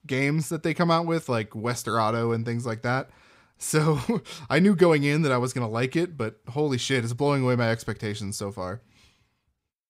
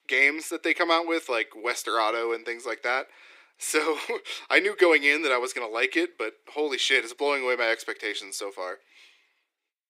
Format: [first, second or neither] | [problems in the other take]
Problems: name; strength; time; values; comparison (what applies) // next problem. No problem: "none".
first | thin; very; fading below 300 Hz